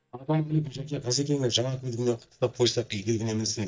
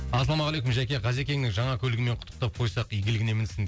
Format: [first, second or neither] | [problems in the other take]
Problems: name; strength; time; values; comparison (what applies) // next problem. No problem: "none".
second | noise reduction (neural mask model DeepFilterNet 3)